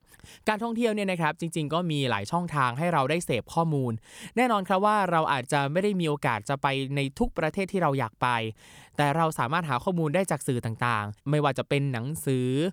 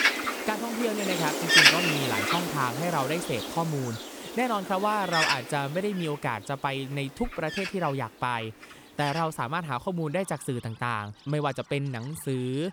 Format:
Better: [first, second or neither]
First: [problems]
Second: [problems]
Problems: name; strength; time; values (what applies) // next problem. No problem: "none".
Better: first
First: none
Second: animal sounds; very loud; throughout; 4 dB above the speech